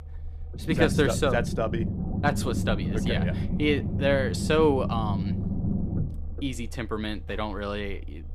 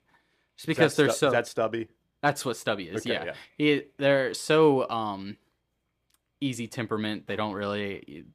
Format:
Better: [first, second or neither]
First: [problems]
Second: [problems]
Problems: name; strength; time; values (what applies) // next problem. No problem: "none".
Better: second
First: low rumble; noticeable; throughout; 10 dB below the speech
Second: none